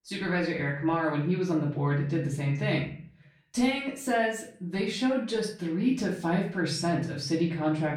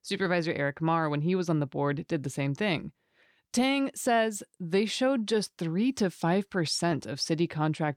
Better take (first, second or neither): second